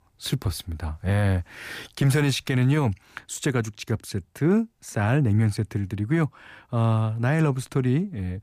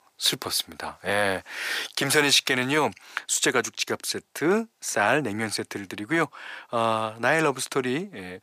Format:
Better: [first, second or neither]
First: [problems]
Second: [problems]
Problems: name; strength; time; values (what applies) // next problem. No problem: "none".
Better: first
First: none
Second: thin; very; fading below 500 Hz